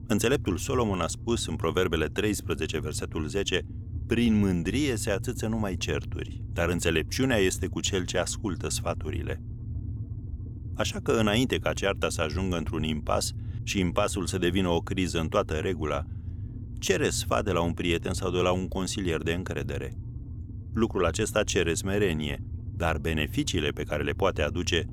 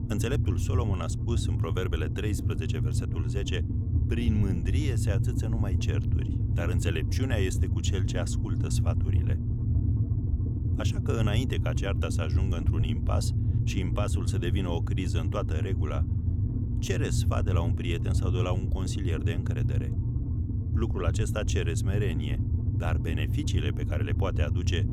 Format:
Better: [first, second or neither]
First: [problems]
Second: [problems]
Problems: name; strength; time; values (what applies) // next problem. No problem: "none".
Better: first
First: low rumble; faint; throughout; 20 dB below the speech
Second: low rumble; loud; throughout; 5 dB below the speech